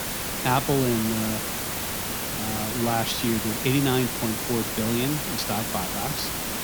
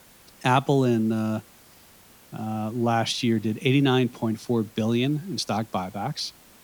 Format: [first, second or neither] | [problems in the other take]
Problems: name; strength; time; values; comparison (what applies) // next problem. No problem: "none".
second | hiss; loud; throughout; as loud as the speech; faint in the second